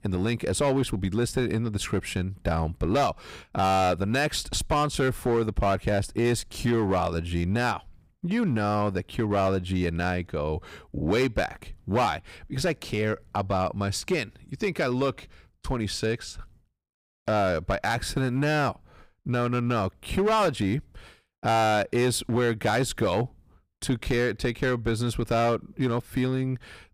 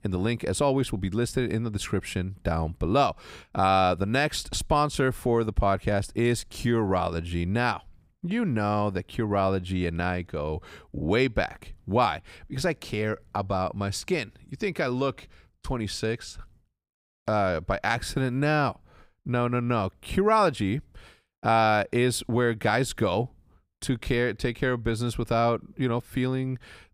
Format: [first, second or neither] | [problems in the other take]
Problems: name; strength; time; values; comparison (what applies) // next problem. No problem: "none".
second | distortion; slight; 6% of the sound clipped